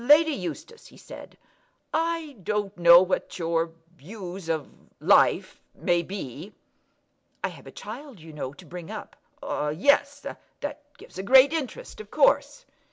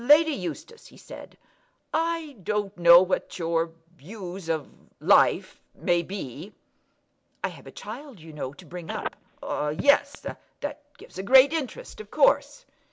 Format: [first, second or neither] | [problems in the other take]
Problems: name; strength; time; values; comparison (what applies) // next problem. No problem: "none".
first | background sound (Telephone); 11 dB below the speech